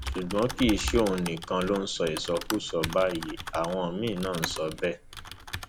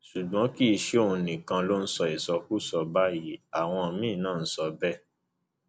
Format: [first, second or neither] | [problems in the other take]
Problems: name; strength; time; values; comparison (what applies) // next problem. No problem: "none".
second | background sound (Typing); 8 dB below the speech